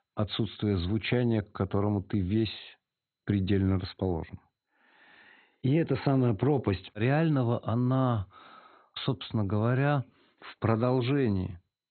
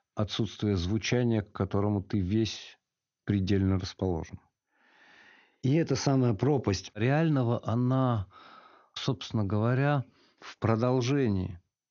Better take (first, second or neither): second